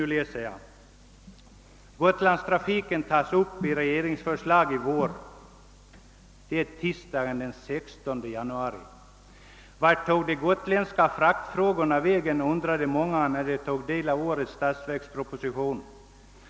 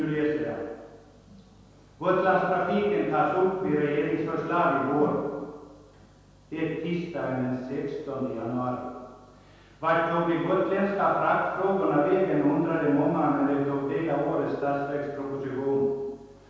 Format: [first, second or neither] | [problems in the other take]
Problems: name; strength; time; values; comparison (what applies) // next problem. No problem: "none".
first | room echo; dies away in 1.2 s